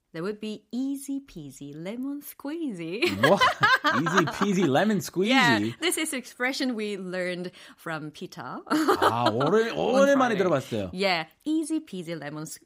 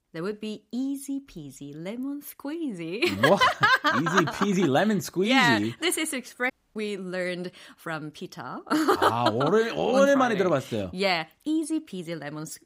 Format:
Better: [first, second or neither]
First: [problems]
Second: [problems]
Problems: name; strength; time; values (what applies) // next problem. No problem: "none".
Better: first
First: none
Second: audio cutting out; at 6.5 s